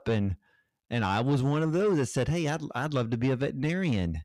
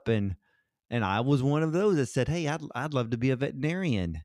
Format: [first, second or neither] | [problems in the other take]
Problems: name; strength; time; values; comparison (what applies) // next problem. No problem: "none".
second | distortion; slight; 10 dB below the speech